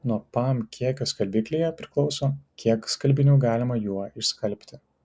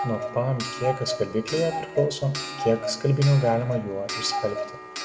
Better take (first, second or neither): first